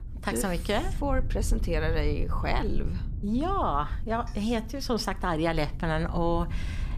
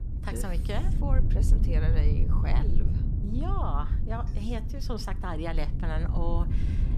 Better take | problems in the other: first | low rumble; loud; throughout; 6 dB below the speech; faint in the first

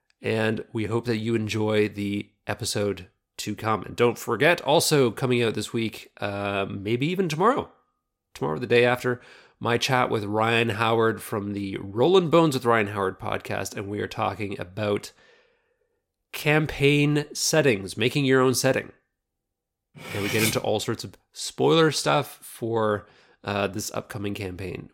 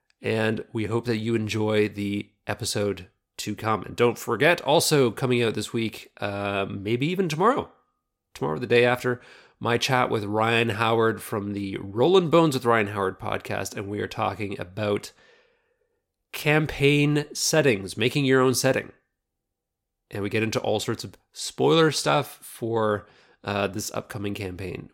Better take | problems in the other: second | clattering dishes; noticeable; at 20 s; peak 2 dB below the speech

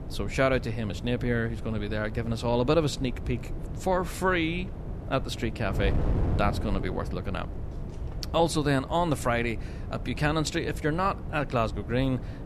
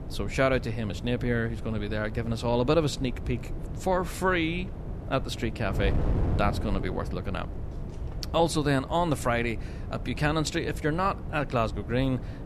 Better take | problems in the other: neither | wind noise on the microphone; occasional gusts; 15 dB below the speech; the same in both

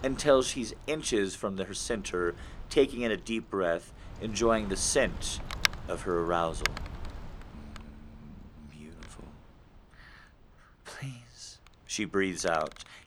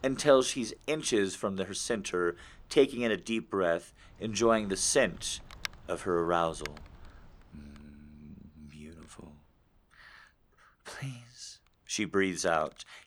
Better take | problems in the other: second | wind noise on the microphone; heavy; 7 dB below the speech; occasional gusts in the second

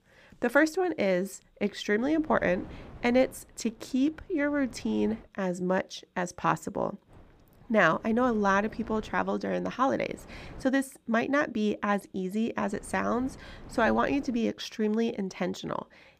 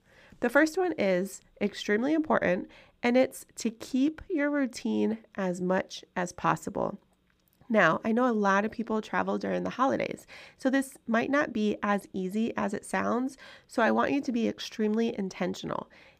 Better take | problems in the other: second | wind noise on the microphone; occasional gusts; from 2 to 5 s, from 7 to 11 s and from 13 to 14 s; 25 dB below the speech

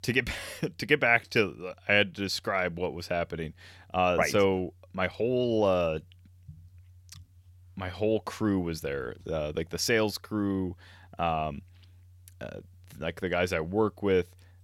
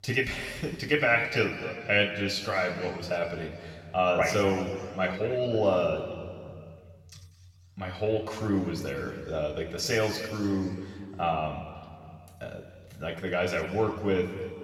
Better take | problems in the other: first | room echo; noticeable; dies away in 2 s // off-mic speech; somewhat distant

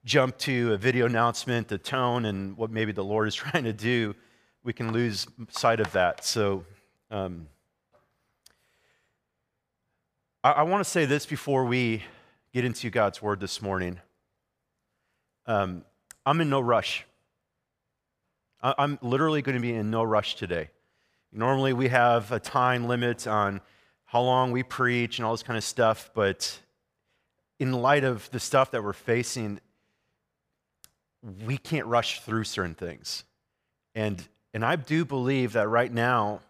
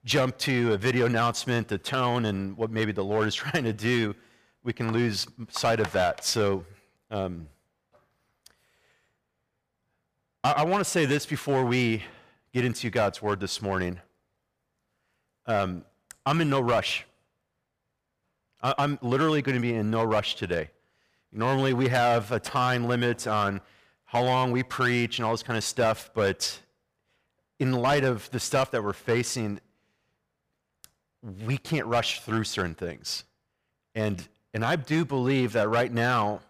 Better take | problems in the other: first | distortion; slight; 5% of the sound clipped

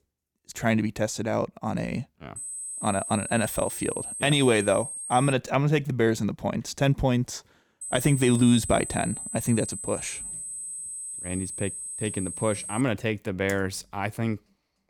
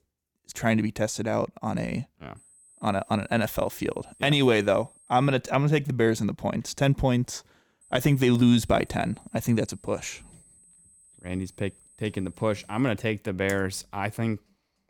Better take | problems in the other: second | high-pitched whine; loud; from 2.5 to 5.5 s and from 8 to 13 s; 8 kHz, 7 dB below the speech; faint in the second

